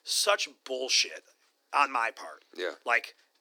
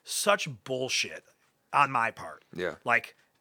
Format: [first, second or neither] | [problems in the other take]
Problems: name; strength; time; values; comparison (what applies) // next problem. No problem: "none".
second | thin; somewhat; fading below 300 Hz